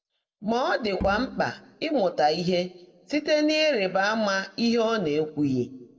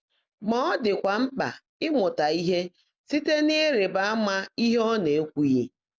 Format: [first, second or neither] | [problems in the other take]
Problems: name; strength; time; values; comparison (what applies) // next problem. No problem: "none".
second | noise reduction (neural separator model SepFormer DNS4)